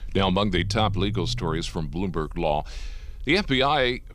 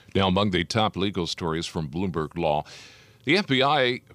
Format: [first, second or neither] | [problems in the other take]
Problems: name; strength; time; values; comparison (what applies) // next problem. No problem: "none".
second | low rumble; faint; throughout; 20 dB below the speech